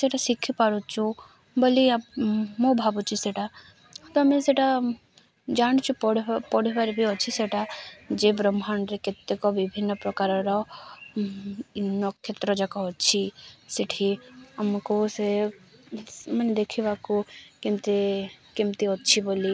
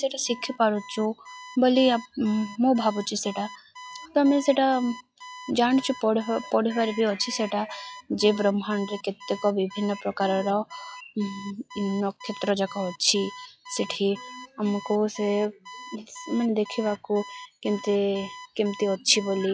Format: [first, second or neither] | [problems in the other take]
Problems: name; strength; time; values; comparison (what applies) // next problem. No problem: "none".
first | noise reduction (classical method log-MMSE)